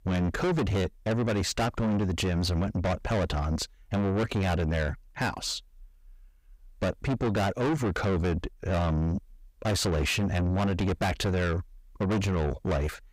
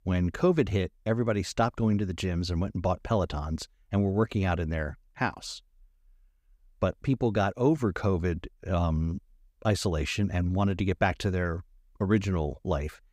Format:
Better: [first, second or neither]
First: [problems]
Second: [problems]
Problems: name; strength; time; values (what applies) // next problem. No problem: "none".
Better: second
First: distortion; heavy; 6 dB below the speech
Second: none